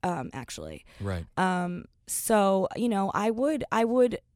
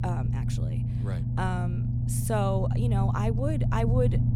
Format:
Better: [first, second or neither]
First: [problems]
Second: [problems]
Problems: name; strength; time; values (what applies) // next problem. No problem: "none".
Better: first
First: none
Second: low rumble; loud; throughout; 7 dB below the speech